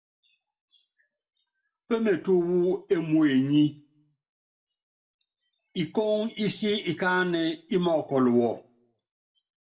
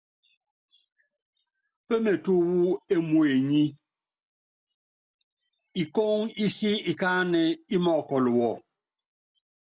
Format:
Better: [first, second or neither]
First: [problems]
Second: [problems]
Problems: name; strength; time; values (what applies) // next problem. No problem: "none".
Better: second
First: room echo; dies away in 0.3 s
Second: none